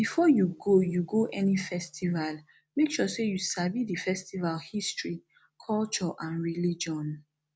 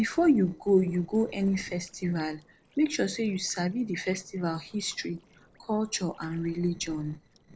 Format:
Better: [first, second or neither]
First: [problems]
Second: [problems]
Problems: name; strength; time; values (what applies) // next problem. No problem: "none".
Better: first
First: none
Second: noise reduction (neural separator model SepFormer DNS4)